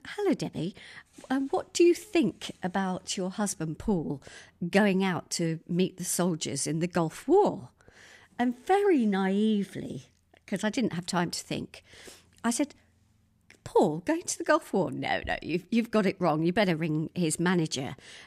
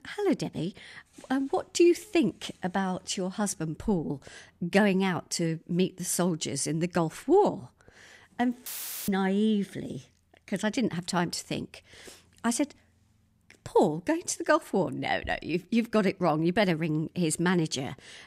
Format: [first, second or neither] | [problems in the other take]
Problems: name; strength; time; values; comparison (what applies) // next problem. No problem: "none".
first | audio cutting out; filled with static; at 8.5 s